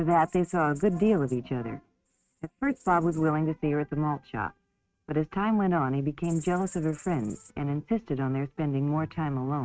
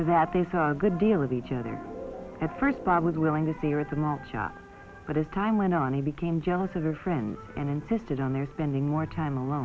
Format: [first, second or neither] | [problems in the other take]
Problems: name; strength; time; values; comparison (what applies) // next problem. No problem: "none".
second | noise reduction (neural mask model RNNoise)